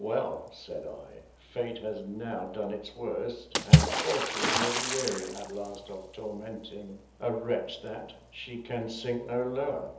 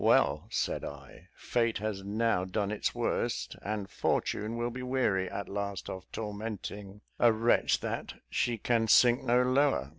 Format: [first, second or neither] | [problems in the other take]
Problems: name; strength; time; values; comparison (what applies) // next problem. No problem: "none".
second | background sound (Water / Splash, splatter); 2 dB above the speech // room echo; dies away in 0.7 s